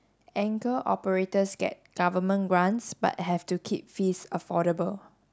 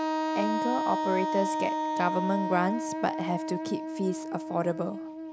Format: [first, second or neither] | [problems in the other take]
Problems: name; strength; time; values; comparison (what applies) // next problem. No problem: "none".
first | background sound (Wind instrument, woodwind instrument); as loud as the speech